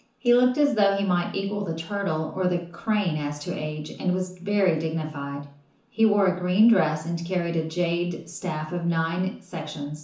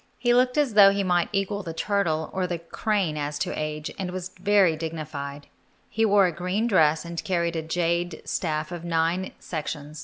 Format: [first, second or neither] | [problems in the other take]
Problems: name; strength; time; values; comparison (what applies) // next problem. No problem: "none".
second | room echo; dies away in 0.9 s